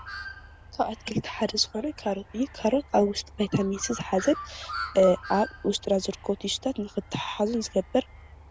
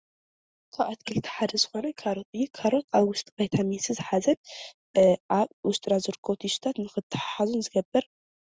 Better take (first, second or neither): second